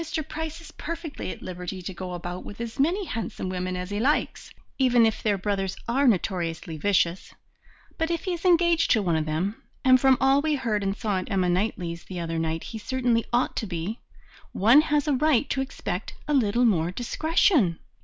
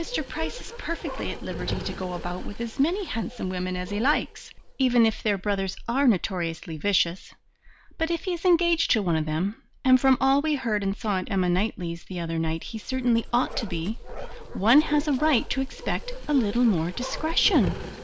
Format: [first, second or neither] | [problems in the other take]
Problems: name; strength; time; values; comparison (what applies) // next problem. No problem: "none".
first | background sound (Bark); 13 dB below the speech